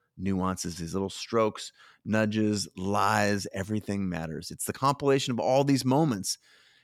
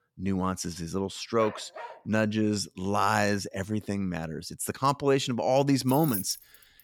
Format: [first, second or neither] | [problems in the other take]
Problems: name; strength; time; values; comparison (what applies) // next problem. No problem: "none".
first | dog barking; faint; at 1.5 s; peak 15 dB below the speech // jangling keys; noticeable; at 6 s; peak 5 dB below the speech